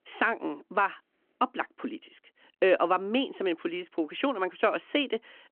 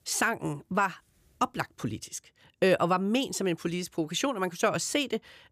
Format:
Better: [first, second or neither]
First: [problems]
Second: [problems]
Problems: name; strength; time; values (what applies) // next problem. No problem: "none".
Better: second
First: phone-call audio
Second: none